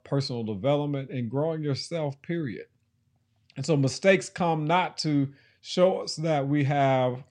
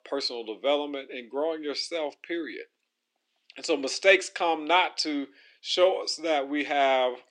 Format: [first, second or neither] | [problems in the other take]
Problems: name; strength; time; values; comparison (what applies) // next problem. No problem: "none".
first | thin; somewhat; fading below 300 Hz